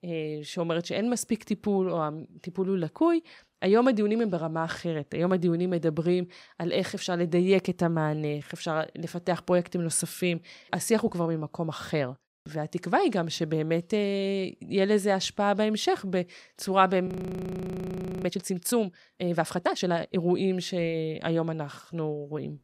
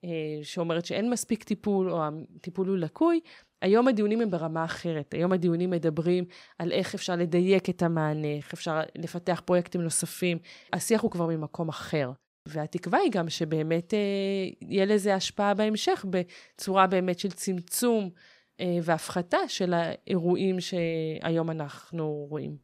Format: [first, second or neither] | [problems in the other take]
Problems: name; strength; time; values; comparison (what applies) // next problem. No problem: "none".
second | audio freezing; at 17 s for 1 s